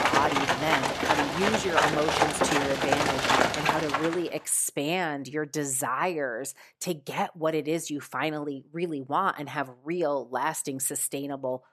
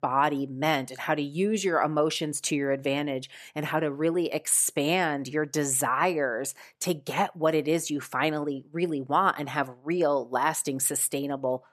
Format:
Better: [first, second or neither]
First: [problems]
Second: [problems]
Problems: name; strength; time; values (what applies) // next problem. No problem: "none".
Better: second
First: animal sounds; very loud; until 4 s; 4 dB above the speech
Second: none